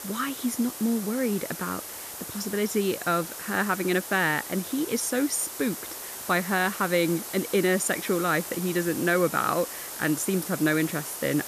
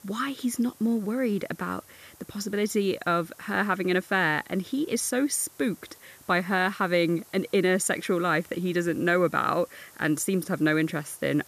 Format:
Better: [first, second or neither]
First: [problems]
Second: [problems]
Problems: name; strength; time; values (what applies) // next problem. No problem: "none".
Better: second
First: hiss; loud; throughout; 8 dB below the speech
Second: hiss; faint; throughout; 25 dB below the speech